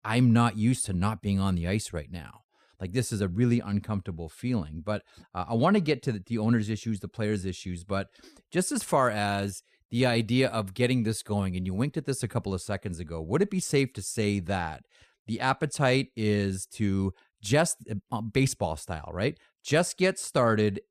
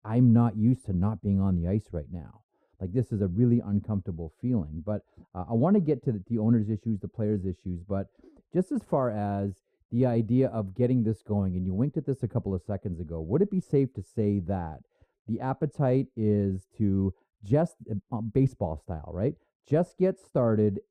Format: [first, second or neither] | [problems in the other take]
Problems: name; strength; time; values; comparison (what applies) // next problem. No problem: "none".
first | muffled; very; fading above 1.5 kHz